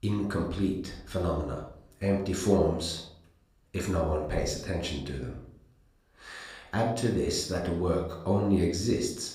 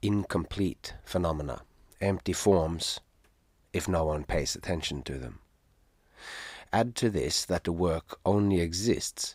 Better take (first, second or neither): second